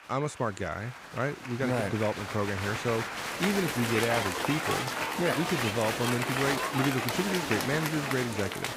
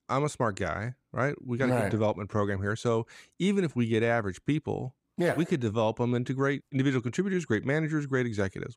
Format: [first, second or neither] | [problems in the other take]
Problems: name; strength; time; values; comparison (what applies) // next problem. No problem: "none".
second | crowd noise; loud; throughout; as loud as the speech